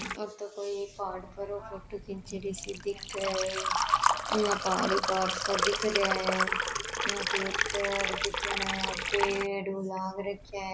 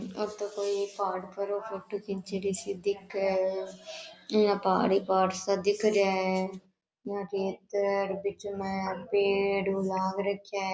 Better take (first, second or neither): second